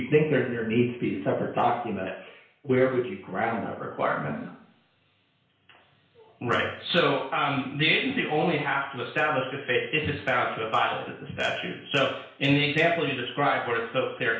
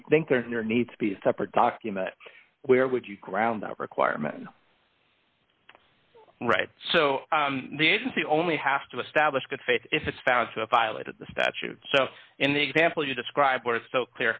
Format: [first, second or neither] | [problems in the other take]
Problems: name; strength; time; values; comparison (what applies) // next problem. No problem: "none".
second | room echo; dies away in 0.5 s